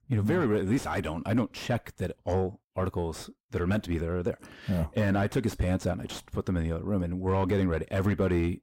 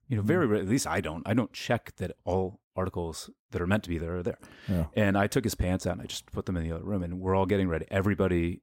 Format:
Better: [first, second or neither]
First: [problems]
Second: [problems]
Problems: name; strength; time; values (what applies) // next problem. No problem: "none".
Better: second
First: distortion; slight; 9 dB below the speech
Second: none